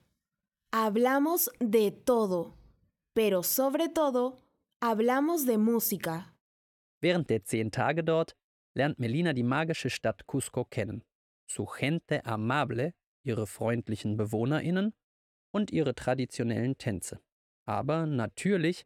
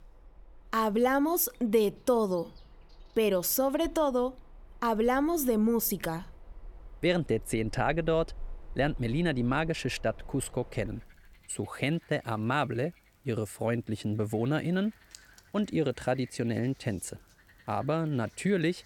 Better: first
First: none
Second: animal sounds; faint; throughout; 25 dB below the speech

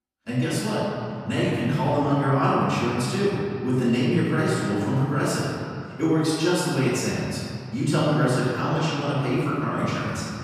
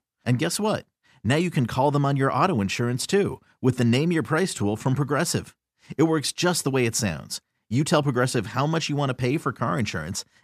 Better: second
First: off-mic speech; far // room echo; strong; dies away in 2.2 s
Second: none

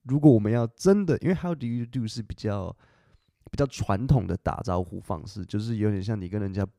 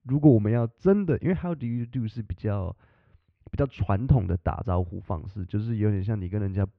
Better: first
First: none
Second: muffled; very; fading above 3 kHz

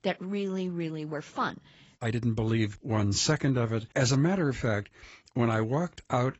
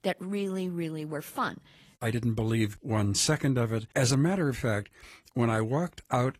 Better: second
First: garbled, watery; badly; nothing above 7.5 kHz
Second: garbled, watery; slightly; nothing above 14.5 kHz

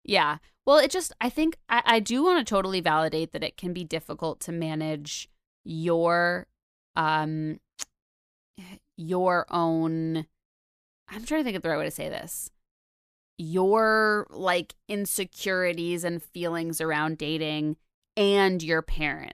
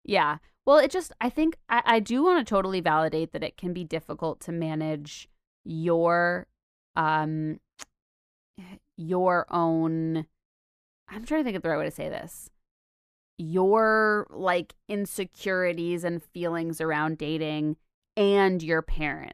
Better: first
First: none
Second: muffled; slightly; fading above 2.5 kHz

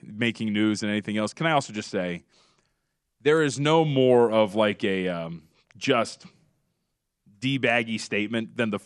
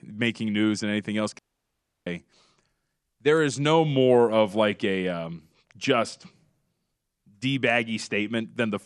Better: first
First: none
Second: audio cutting out; at 1.5 s for 0.5 s

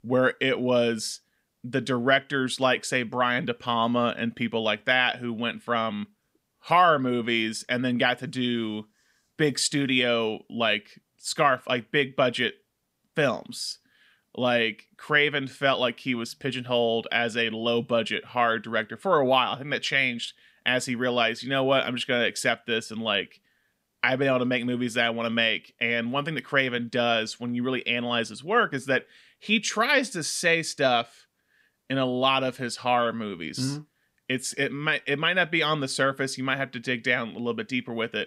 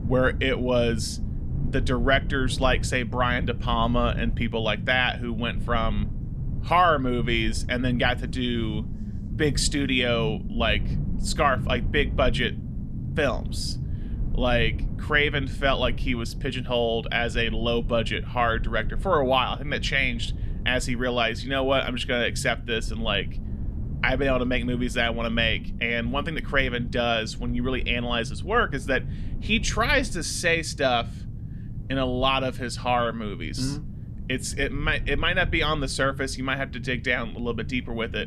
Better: first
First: none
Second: low rumble; noticeable; throughout; 20 dB below the speech

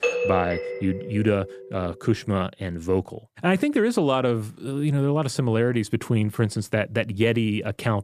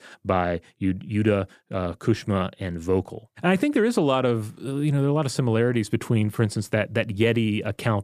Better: second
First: doorbell; loud; until 1 s; peak 1 dB above the speech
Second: none

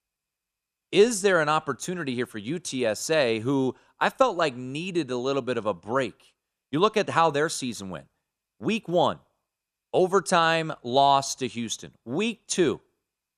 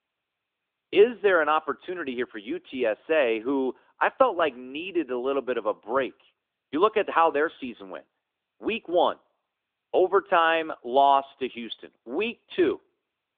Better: first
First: none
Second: phone-call audio; nothing above 3.5 kHz

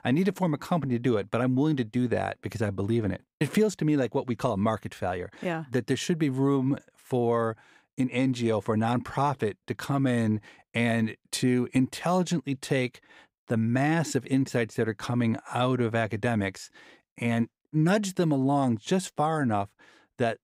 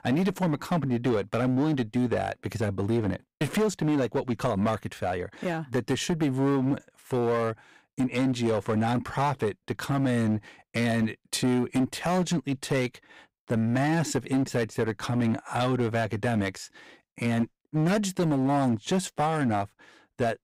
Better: first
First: none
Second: distortion; slight; 10% of the sound clipped

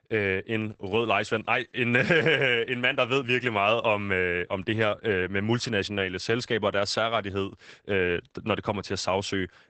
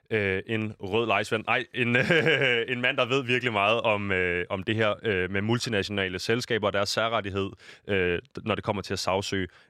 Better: second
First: garbled, watery; badly; nothing above 8 kHz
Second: none

